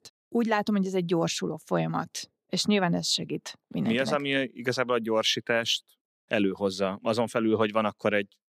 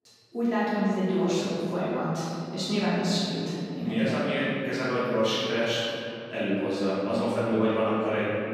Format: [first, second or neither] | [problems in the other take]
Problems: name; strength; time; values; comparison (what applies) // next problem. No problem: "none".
first | off-mic speech; far // room echo; strong; dies away in 3 s